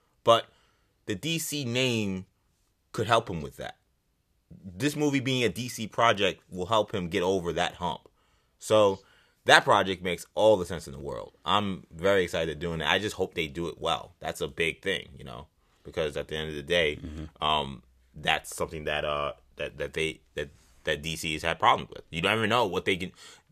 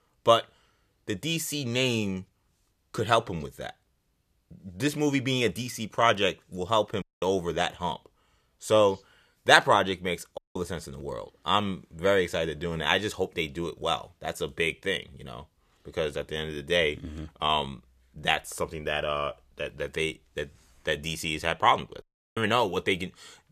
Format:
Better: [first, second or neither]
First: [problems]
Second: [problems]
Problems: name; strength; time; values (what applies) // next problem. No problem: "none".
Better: first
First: none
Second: audio cutting out; at 7 s, at 10 s and at 22 s